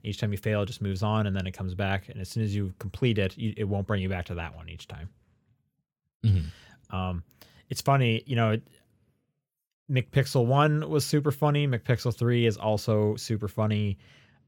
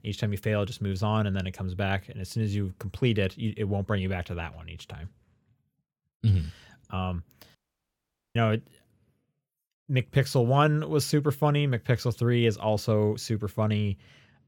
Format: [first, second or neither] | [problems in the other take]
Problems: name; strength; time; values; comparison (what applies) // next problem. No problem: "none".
first | audio cutting out; at 7.5 s for 1 s